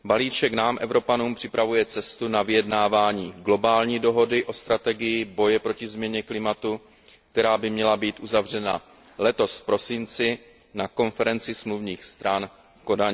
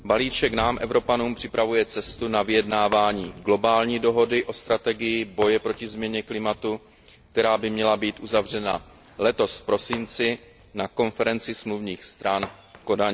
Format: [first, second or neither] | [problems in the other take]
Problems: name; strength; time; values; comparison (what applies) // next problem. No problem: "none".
first | background sound (Thunder + Shatter); 20 dB below the speech